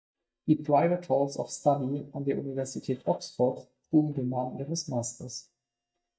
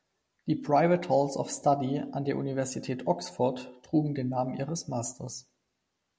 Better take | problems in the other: second | noise reduction (neural mask model DeepFilterNet 3)

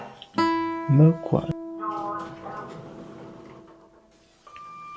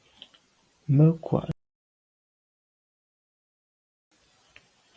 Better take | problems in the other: second | background sound (Guitar + Sliding door); 5 dB below the speech

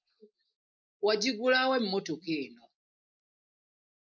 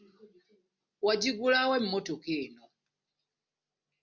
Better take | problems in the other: second | noise reduction (neural mask model Resemble Enhance denoiser)

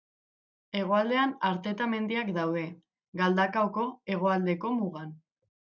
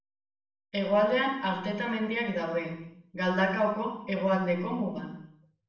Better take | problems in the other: first | room echo; dies away in 0.7 s

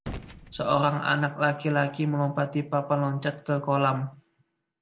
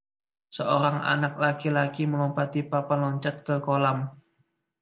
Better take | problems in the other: second | background sound (Gunshot, gunfire); 18 dB below the speech

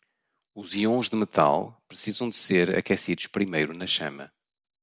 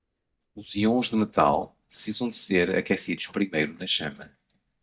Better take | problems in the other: first | noise reduction (neural mask model DeepFilterNet 3)

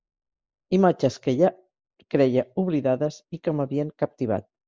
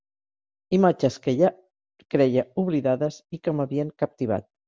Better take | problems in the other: second | noise reduction (neural mask model Resemble Enhance denoiser)

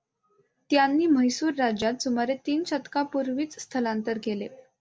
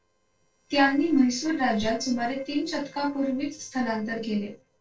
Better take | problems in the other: first | noise reduction (neural separator model SepFormer DNS4)

